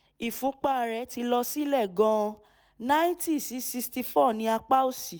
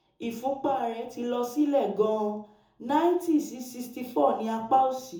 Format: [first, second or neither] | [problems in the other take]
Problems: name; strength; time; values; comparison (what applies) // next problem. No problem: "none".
first | room echo; dies away in 0.6 s